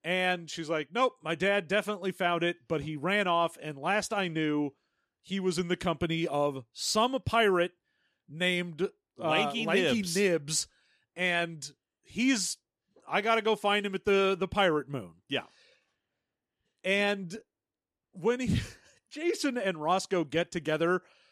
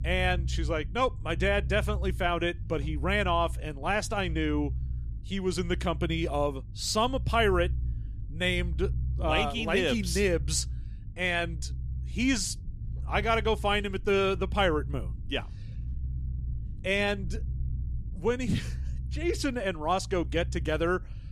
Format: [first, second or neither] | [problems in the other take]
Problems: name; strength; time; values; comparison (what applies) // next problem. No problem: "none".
first | low rumble; faint; throughout; 25 dB below the speech